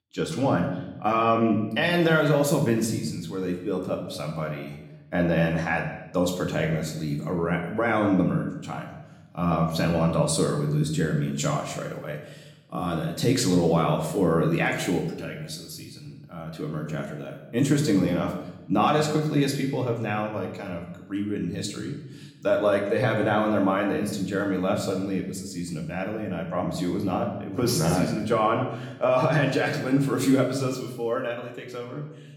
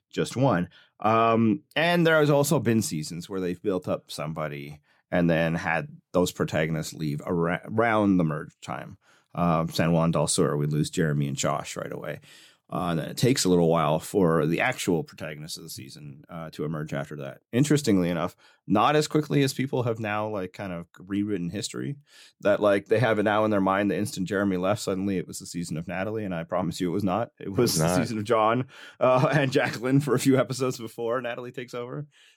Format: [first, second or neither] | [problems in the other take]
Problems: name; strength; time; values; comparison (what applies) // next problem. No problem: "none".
second | room echo; slight; dies away in 0.8 s // off-mic speech; somewhat distant